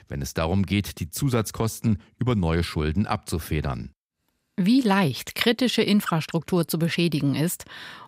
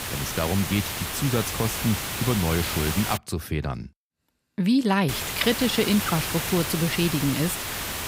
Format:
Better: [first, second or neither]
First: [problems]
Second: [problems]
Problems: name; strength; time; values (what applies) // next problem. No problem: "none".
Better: first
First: none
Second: hiss; loud; until 3 s and from 5 s on; 3 dB below the speech